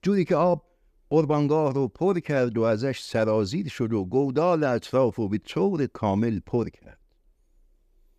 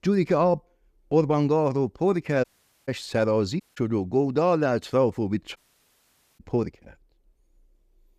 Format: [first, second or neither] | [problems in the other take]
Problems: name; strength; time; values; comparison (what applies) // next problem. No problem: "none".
first | audio cutting out; at 2.5 s, at 3.5 s and at 5.5 s for 1 s